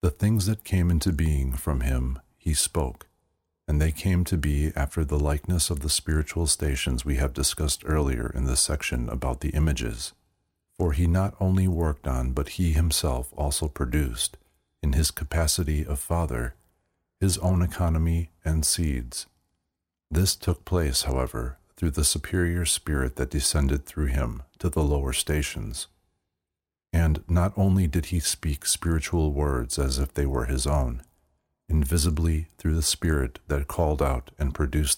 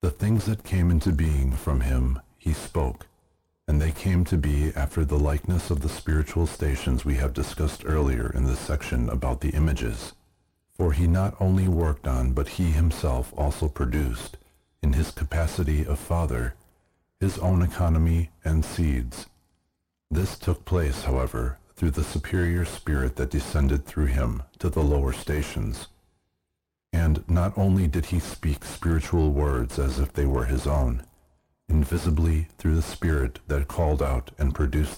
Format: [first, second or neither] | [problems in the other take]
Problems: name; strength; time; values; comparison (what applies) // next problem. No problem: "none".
first | distortion; heavy; 6 dB below the speech